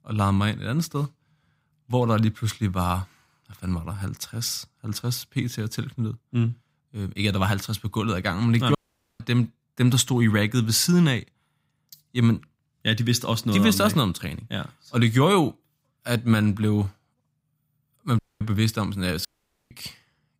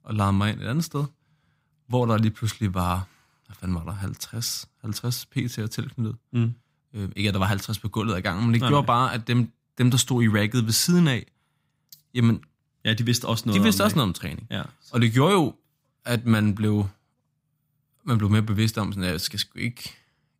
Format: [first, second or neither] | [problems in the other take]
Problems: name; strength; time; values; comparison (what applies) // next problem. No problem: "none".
second | audio cutting out; at 9 s, at 18 s and at 19 s